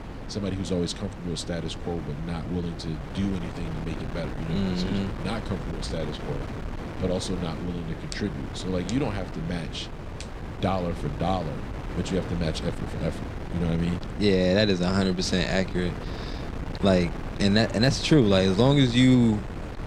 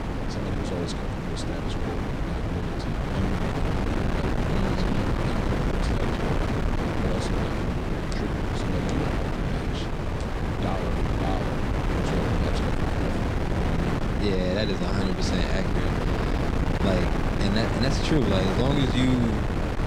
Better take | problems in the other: first | wind noise on the microphone; heavy; 3 dB above the speech; occasional gusts in the first

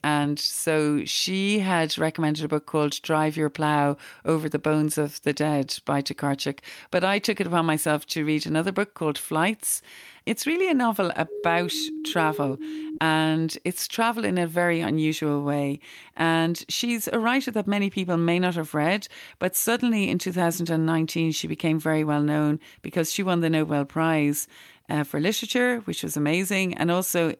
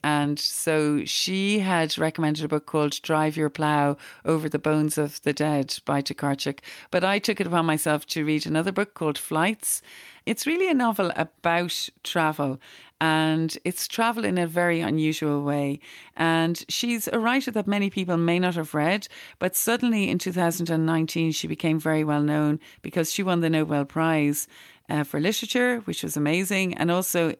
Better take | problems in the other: second | siren; noticeable; from 11 to 13 s; peak 9 dB below the speech

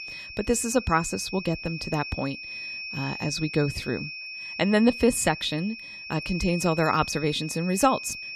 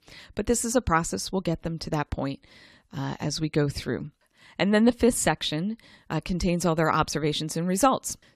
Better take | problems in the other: second | high-pitched whine; loud; throughout; 2.5 kHz, 9 dB below the speech

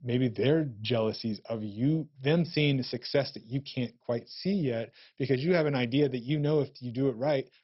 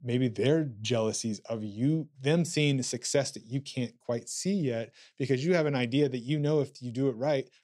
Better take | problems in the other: second | garbled, watery; badly; nothing above 5.5 kHz

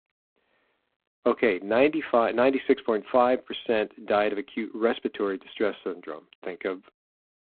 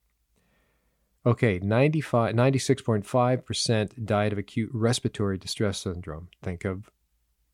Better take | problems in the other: second | phone-call audio; poor line; nothing above 4 kHz

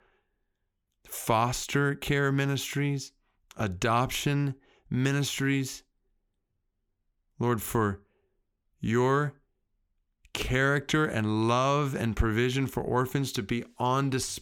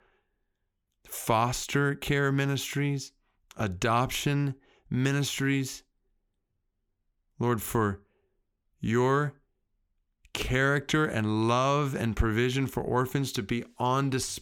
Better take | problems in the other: neither | none

